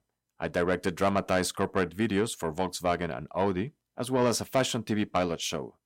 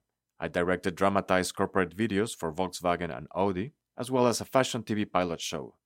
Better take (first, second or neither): second